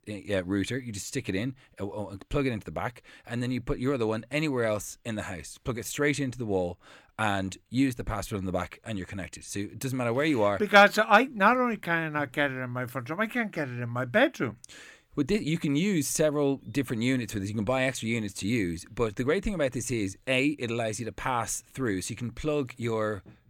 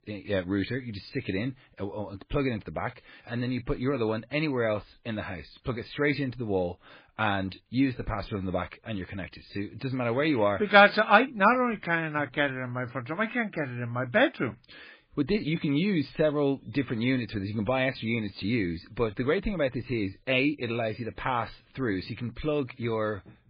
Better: first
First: none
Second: garbled, watery; badly; nothing above 4 kHz

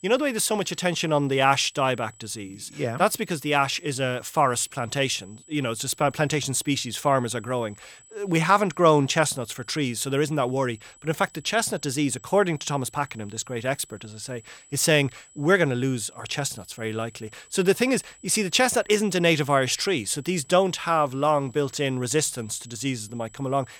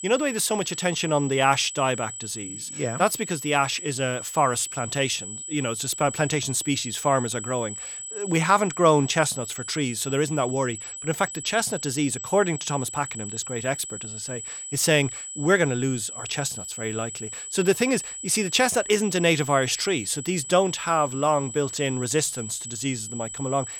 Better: first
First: high-pitched whine; faint; throughout; 8 kHz, 25 dB below the speech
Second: high-pitched whine; loud; throughout; 8 kHz, 9 dB below the speech

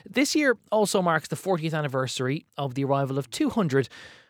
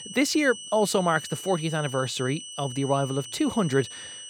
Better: first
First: none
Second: high-pitched whine; noticeable; throughout; 3 kHz, 10 dB below the speech

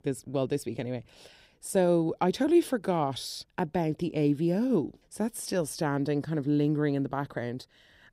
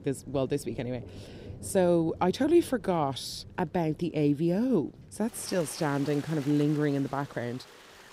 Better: first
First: none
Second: rain or running water; noticeable; throughout; 20 dB below the speech

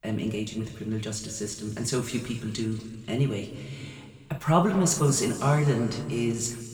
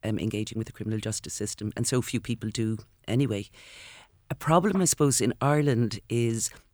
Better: second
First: room echo; noticeable; dies away in 2 s // off-mic speech; somewhat distant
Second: none

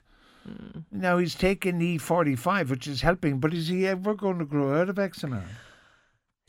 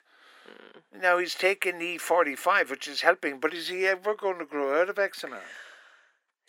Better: first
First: none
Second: thin; very; fading below 400 Hz

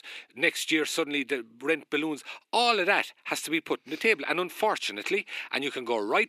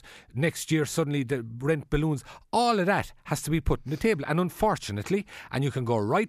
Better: second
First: thin; somewhat; fading below 300 Hz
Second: none

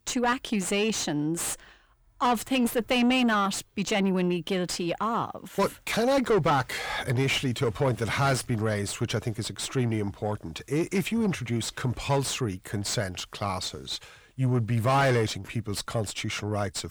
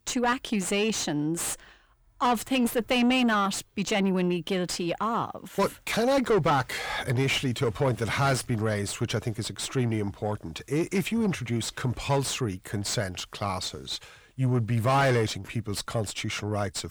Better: neither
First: distortion; heavy; 7 dB below the speech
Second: distortion; heavy; 7 dB below the speech

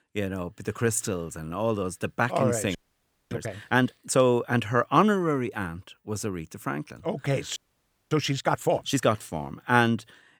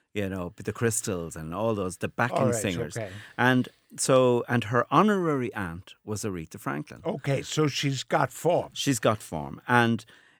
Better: second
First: audio freezing; at 3 s for 0.5 s and at 7.5 s for 0.5 s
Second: none

